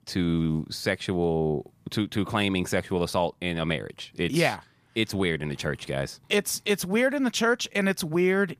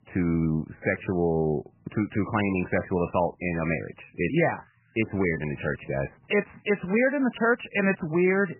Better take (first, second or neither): first